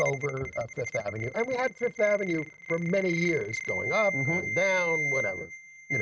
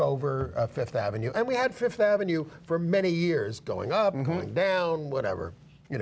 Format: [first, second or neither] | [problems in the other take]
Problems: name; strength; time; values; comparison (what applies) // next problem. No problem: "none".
second | noise reduction (neural mask model RNNoise)